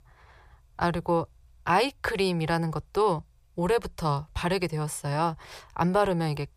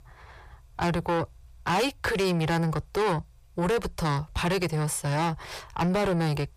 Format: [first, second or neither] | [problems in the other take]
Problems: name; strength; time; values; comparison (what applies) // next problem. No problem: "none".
first | distortion; heavy; 7 dB below the speech